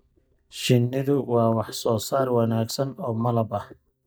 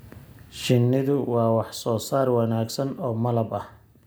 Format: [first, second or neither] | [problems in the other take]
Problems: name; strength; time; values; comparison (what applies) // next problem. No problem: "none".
second | noise reduction (neural mask model DeepFilterNet 3)